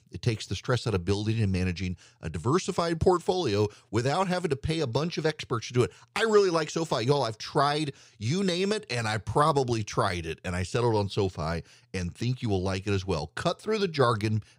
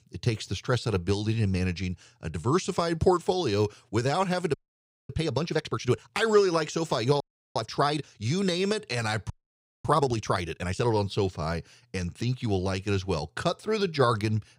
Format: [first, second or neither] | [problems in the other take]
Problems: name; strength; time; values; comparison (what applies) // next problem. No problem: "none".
first | audio freezing; at 4.5 s for 0.5 s, at 7 s and at 9.5 s for 0.5 s